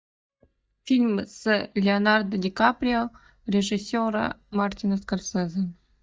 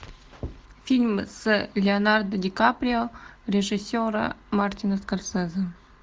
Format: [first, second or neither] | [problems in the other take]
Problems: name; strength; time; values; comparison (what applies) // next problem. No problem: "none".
second | noise reduction (neural mask model DeepFilterNet 3)